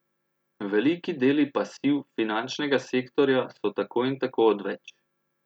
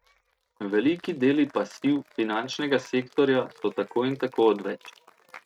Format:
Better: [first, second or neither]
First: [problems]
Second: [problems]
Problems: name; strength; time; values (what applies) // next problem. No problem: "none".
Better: first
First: none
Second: noise reduction (neural mask model RNNoise)